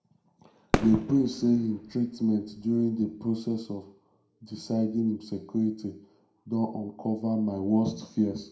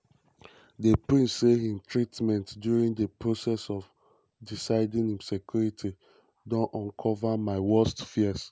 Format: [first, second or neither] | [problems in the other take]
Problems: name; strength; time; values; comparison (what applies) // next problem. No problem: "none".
second | background sound (Fireworks); 7 dB below the speech // room echo; dies away in 0.5 s